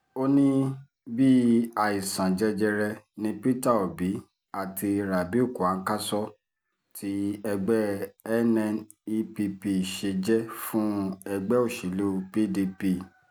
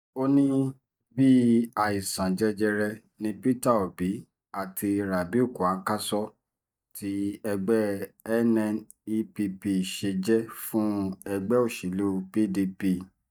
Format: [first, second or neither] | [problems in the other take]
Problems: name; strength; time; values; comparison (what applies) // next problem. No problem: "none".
first | noise reduction (neural mask model DeepFilterNet 3)